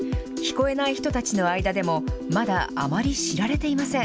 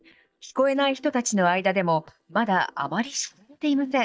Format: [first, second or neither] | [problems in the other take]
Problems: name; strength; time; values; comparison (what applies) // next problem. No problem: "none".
first | noise reduction (neural mask model DeepFilterNet 3)